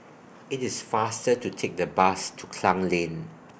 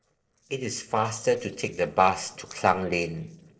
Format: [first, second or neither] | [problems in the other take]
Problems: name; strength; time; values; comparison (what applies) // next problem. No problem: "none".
first | noise reduction (neural separator model SepFormer DNS4)